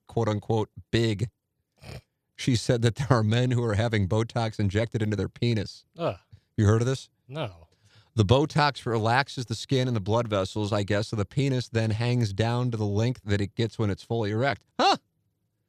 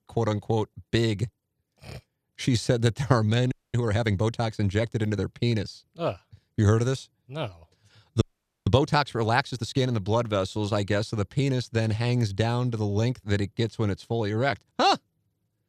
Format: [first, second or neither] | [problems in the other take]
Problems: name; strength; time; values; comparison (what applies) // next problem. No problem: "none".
first | audio freezing; at 3.5 s and at 8 s